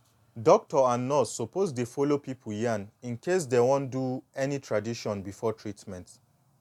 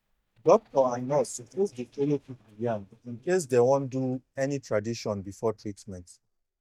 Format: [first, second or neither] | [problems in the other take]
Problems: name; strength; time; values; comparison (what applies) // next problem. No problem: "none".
first | noise reduction (neural mask model DeepFilterNet 3)